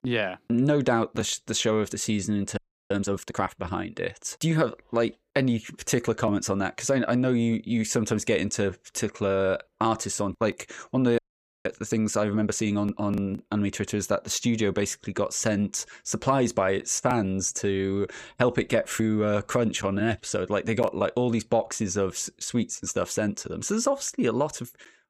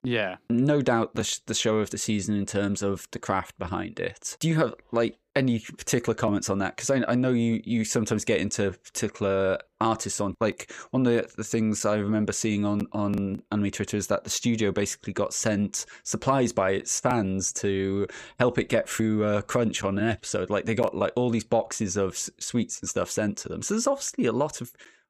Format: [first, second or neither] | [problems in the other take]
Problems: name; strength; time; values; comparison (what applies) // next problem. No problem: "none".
second | audio freezing; at 2.5 s and at 11 s